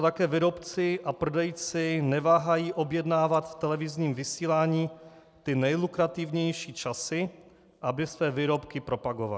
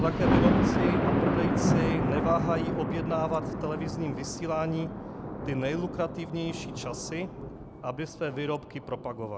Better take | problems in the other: first | background sound (Thunder); 3 dB above the speech

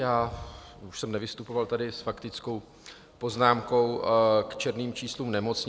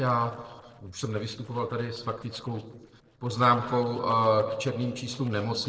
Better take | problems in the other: first | noise reduction (neural separator model SepFormer DNS4)

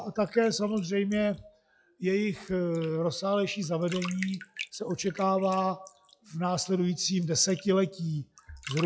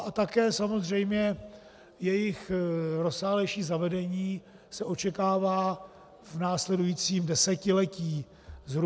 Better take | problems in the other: second | noise reduction (classical method log-MMSE)

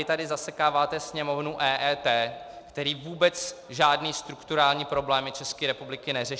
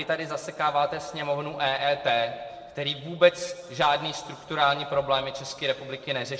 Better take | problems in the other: first | room echo; dies away in 1.4 s

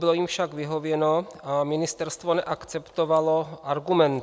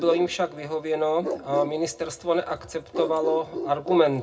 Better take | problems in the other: first | background sound (Bark); 10 dB below the speech // room echo; dies away in 0.2 s

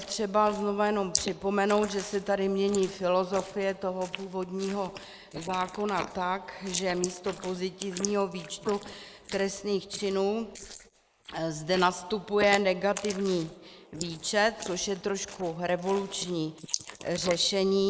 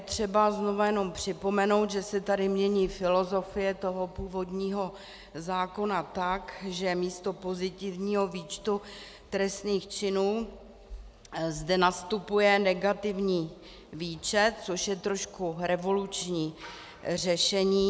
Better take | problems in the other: second | noise reduction (neural mask model Resemble Enhance denoiser)

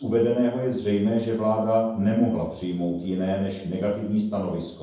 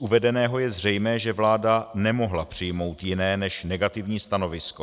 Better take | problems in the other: second | room echo; dies away in 0.9 s

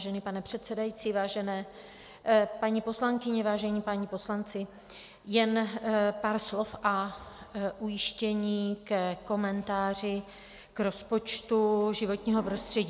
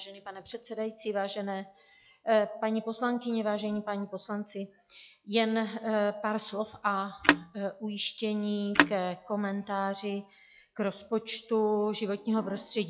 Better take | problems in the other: first | noise reduction (classical method log-MMSE)

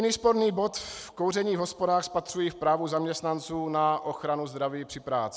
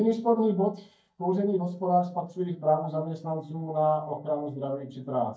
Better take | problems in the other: first | noise reduction (neural mask model DeepFilterNet 3)

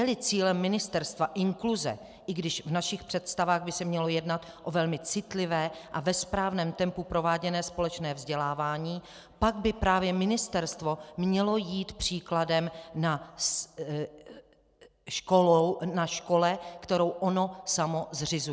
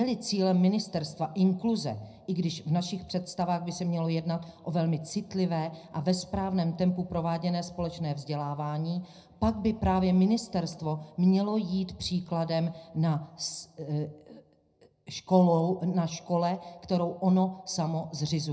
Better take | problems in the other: first | room echo; dies away in 0.3 s

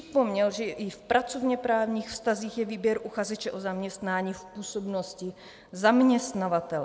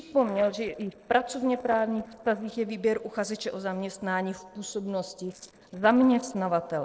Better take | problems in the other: first | noise reduction (neural separator model SepFormer DNS4)

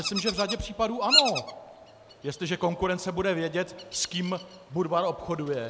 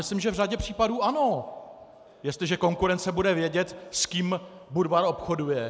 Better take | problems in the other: second | background sound (Bird vocalization, bird call, bird song); 4 dB below the speech

